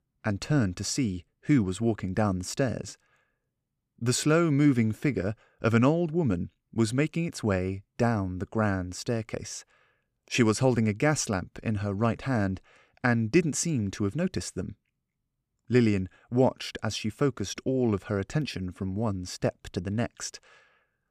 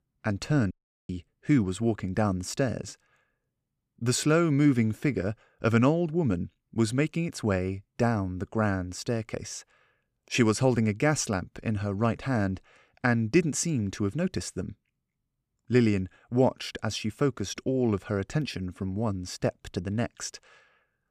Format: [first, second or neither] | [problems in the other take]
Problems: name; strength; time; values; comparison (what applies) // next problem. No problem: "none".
first | audio cutting out; at 0.5 s